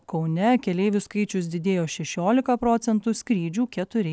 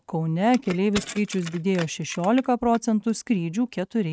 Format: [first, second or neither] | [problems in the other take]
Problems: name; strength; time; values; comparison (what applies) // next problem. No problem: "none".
first | noise reduction (neural mask model RNNoise)